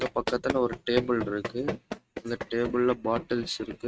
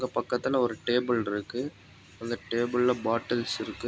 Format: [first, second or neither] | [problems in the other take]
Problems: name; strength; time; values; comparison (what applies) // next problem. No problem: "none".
second | noise reduction (neural mask model RNNoise)